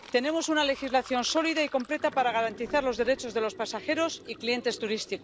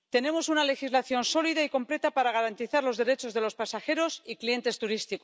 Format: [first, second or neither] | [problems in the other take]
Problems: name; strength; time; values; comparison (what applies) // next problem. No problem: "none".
second | background sound (Sink (filling or washing)); 18 dB below the speech